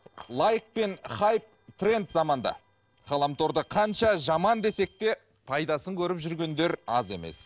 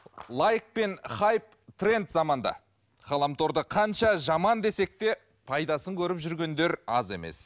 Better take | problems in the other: second | noise reduction (neural separator model SepFormer DNS4)

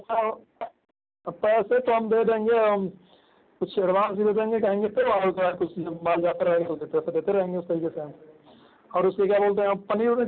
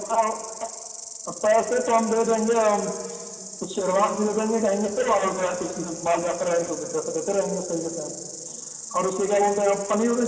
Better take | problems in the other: first | background sound (Insect); 12 dB below the speech // room echo; dies away in 1.9 s

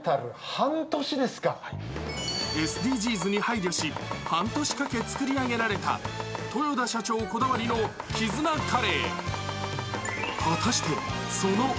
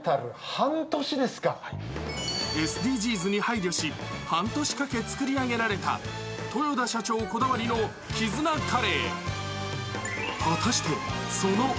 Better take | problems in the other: second | background sound (Domestic sounds, home sounds); 11 dB below the speech

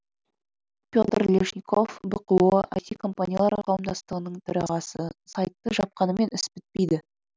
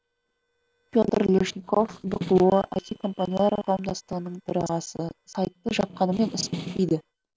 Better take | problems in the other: first | noise reduction (neural separator model SepFormer DNS4)

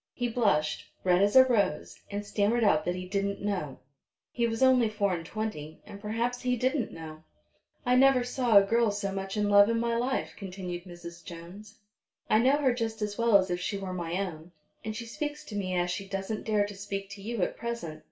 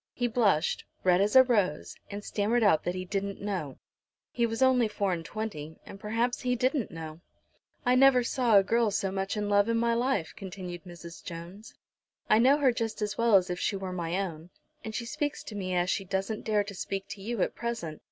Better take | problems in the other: second | room echo; dies away in 0.3 s

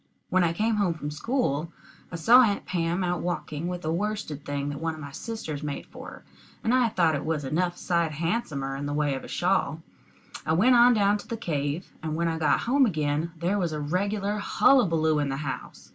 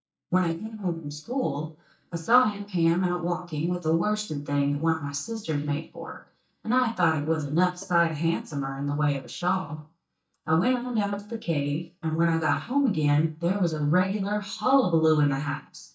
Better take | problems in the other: first | noise reduction (neural mask model DeepFilterNet 3)

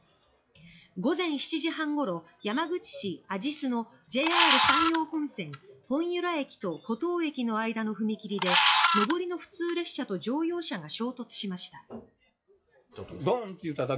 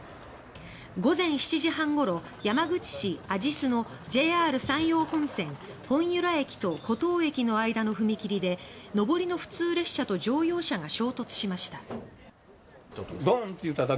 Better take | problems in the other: second | noise reduction (classical method log-MMSE)

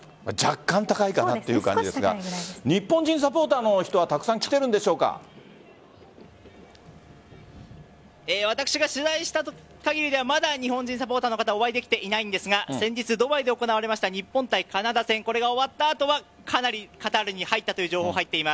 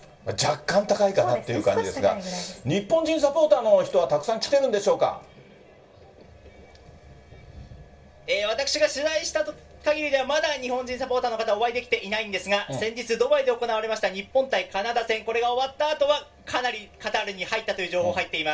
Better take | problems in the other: first | room echo; dies away in 0.2 s

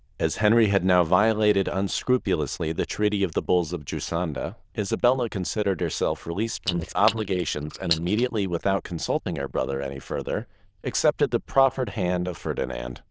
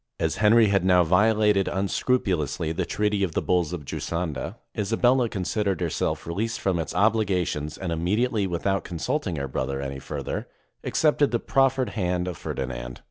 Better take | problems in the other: second | noise reduction (neural diffusion model UNIVERSE++)

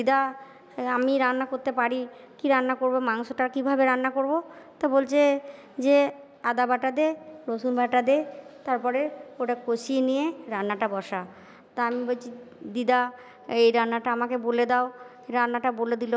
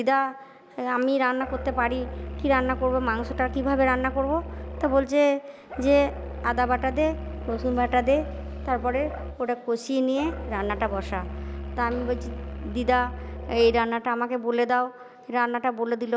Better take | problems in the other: first | background sound (Musical instrument); 9 dB below the speech

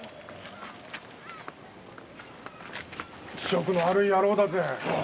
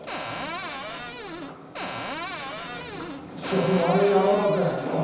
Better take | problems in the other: first | background sound (Cupboard open or close); 9 dB below the speech // room echo; dies away in 1 s

